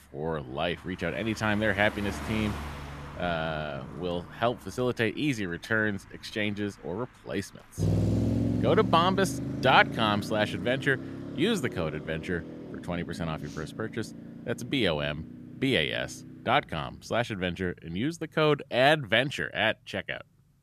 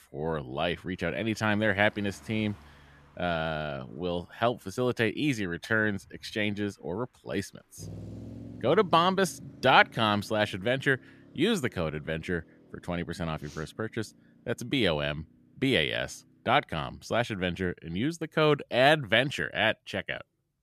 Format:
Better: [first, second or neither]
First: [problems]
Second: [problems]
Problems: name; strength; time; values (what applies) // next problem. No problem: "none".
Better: second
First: traffic noise; loud; throughout; 7 dB below the speech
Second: traffic noise; faint; throughout; 25 dB below the speech